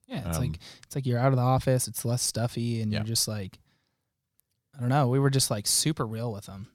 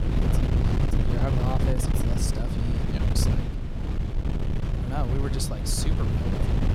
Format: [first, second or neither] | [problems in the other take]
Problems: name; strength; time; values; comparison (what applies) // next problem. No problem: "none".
first | wind noise on the microphone; heavy; as loud as the speech